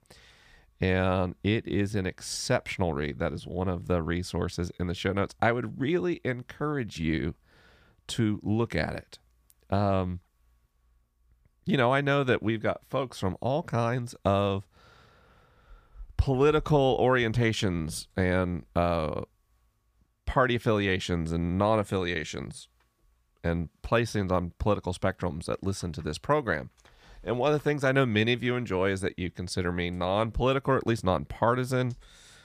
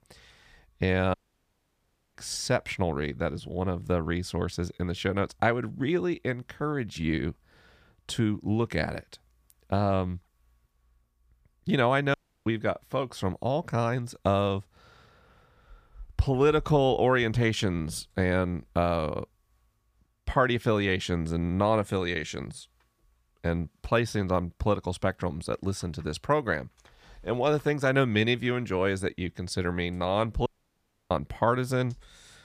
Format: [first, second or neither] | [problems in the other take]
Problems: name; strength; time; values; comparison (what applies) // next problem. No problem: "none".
first | audio cutting out; at 1 s for 1 s, at 12 s and at 30 s for 0.5 s